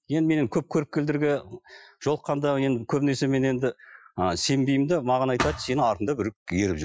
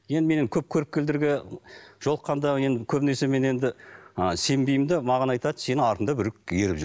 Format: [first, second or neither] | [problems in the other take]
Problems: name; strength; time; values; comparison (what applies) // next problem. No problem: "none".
second | noise reduction (classical method Wiener filter)